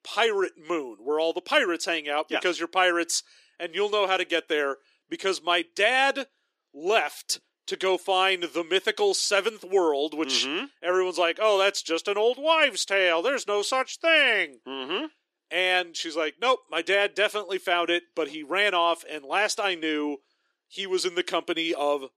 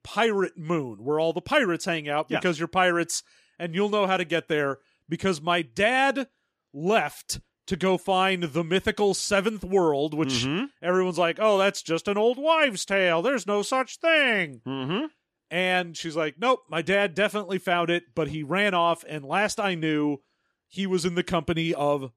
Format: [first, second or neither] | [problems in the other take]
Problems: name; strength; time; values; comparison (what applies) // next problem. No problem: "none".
second | thin; somewhat; fading below 350 Hz